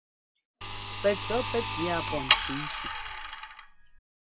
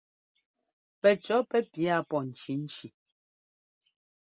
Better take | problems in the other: second | background sound (Sawing); 2 dB above the speech

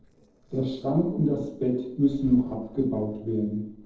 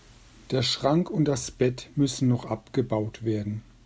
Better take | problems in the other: second | noise reduction (neural separator model SepFormer DNS4)

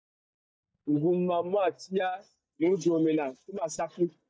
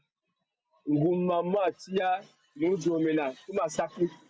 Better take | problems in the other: second | noise reduction (neural mask model DeepFilterNet 3)

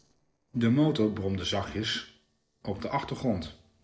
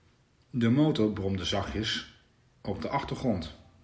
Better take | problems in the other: second | noise reduction (neural separator model SepFormer DNS4)

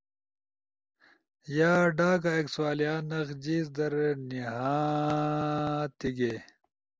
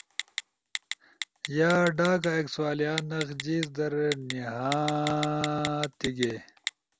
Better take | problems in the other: first | background sound (Telephone); 10 dB below the speech

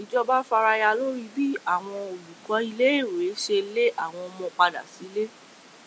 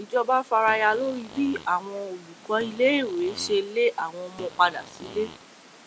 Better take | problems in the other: first | background sound (Fart); 19 dB below the speech

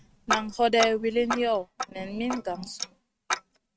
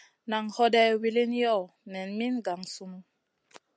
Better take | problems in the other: second | noise reduction (neural mask model RNNoise)

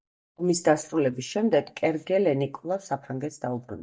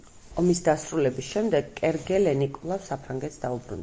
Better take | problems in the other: second | noise reduction (neural mask model DeepFilterNet 3)

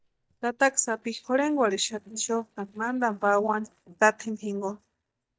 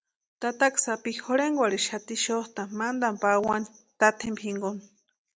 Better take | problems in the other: second | noise reduction (neural mask model DeepFilterNet 3)

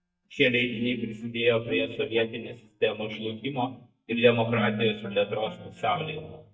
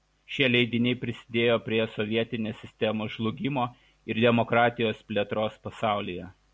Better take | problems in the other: second | noise reduction (neural mask model DeepFilterNet 3)

